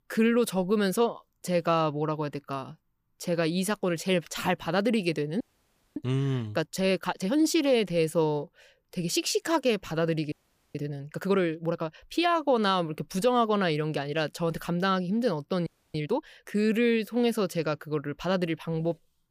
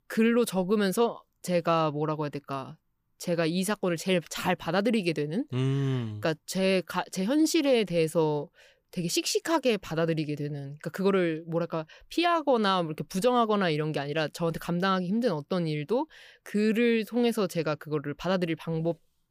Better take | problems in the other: second | audio freezing; at 5.5 s for 0.5 s, at 10 s and at 16 s

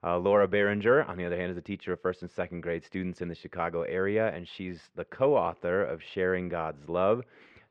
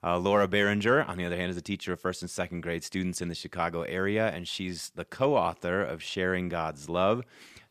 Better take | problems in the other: second | muffled; very; fading above 2 kHz

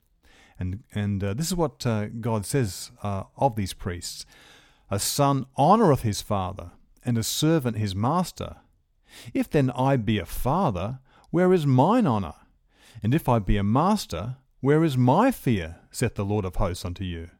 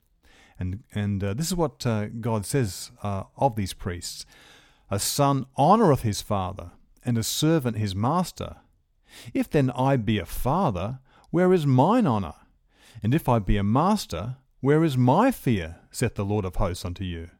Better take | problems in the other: neither | none

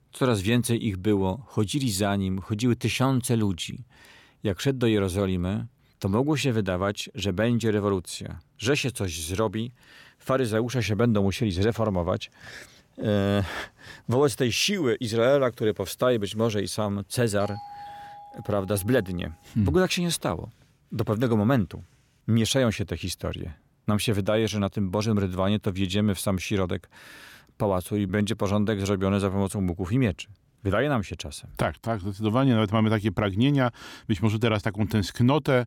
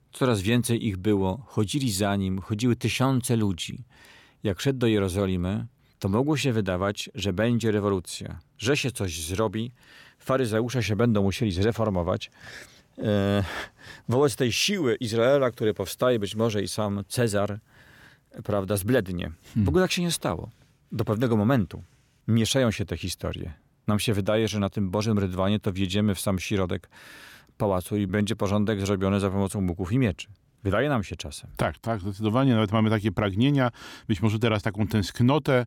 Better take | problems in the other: second | doorbell; faint; from 17 to 19 s; peak 15 dB below the speech

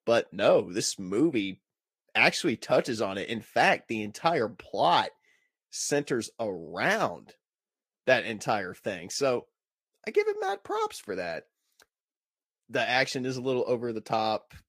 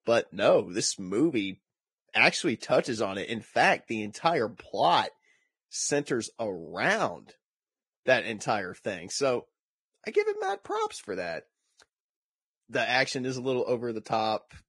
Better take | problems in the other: first | garbled, watery; badly; slightly in the first

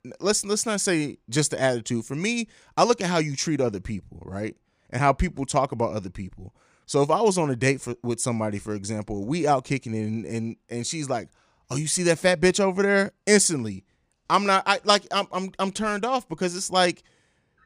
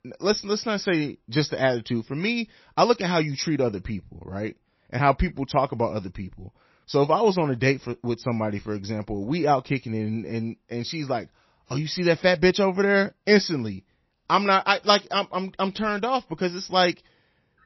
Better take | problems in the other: first | garbled, watery; slightly; nothing above 5.5 kHz

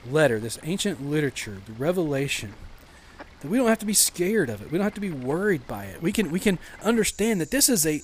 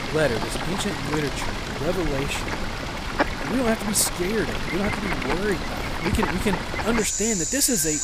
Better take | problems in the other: first | animal sounds; loud; throughout; 1 dB below the speech; faint in the first

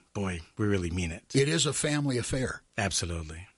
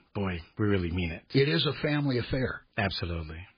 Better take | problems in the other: first | garbled, watery; badly; nothing above 4.5 kHz; slightly in the first

